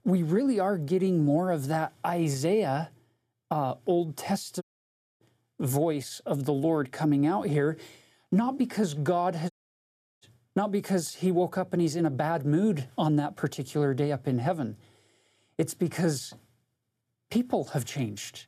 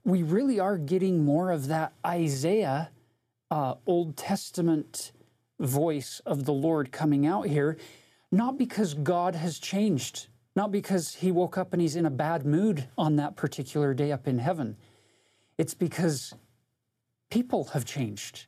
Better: second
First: audio cutting out; at 4.5 s for 0.5 s and at 9.5 s for 0.5 s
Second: none

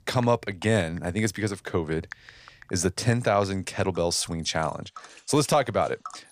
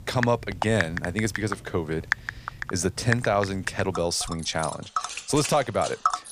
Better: first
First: household noises; faint; throughout; 20 dB below the speech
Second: household noises; loud; throughout; 5 dB below the speech

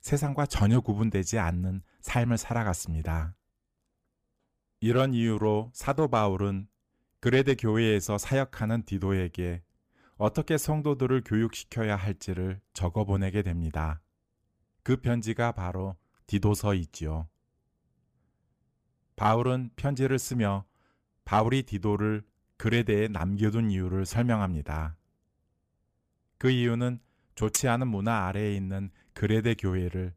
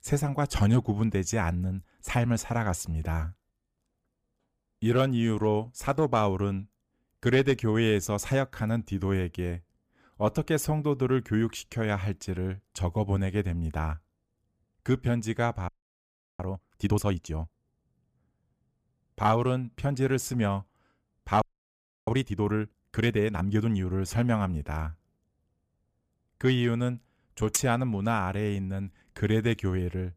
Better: first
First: none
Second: audio freezing; at 16 s for 0.5 s and at 21 s for 0.5 s

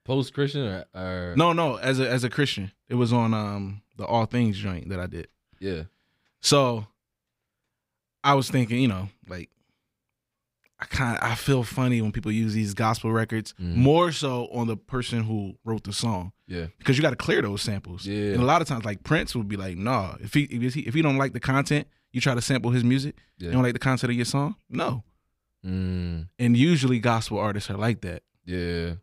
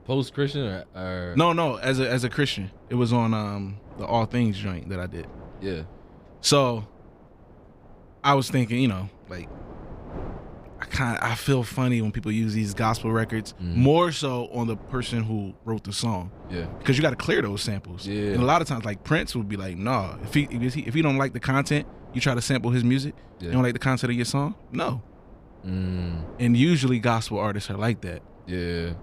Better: first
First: none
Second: wind noise on the microphone; occasional gusts; 25 dB below the speech

